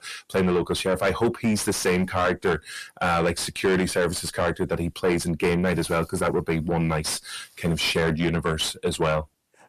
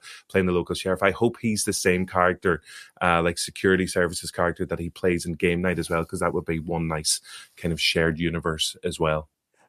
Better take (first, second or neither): second